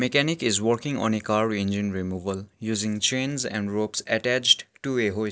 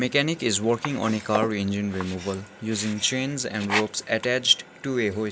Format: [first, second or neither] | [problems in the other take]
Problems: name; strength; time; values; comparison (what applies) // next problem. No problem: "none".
first | background sound (Sink (filling or washing)); 10 dB below the speech